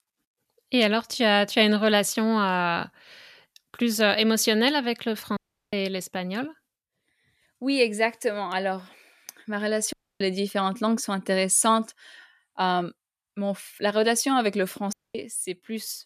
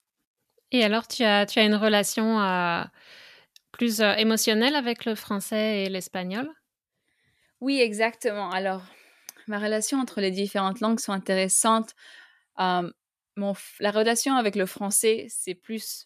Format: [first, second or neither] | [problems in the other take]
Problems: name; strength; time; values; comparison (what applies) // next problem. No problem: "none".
second | audio cutting out; at 5.5 s, at 10 s and at 15 s